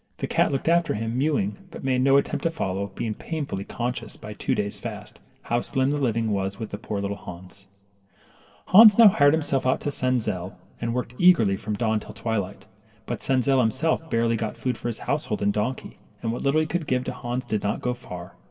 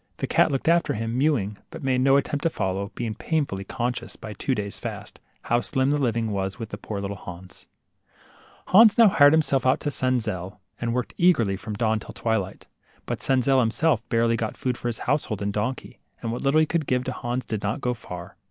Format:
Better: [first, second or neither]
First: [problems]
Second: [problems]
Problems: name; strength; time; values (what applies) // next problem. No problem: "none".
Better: second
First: room echo; dies away in 1.3 s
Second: none